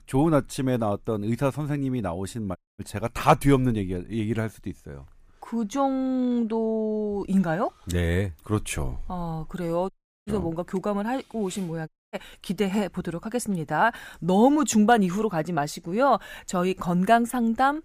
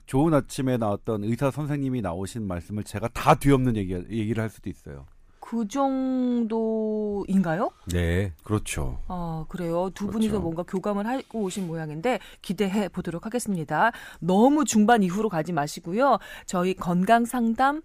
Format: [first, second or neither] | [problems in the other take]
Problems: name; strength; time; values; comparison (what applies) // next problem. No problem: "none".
second | audio cutting out; at 2.5 s, at 10 s and at 12 s